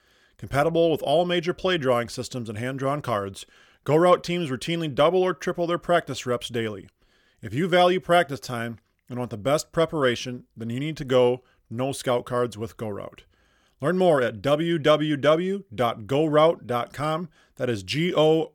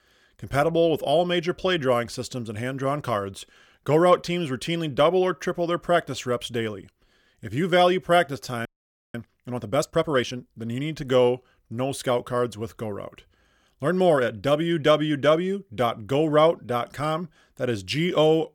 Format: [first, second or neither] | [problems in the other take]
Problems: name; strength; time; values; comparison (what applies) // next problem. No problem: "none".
first | audio freezing; at 8.5 s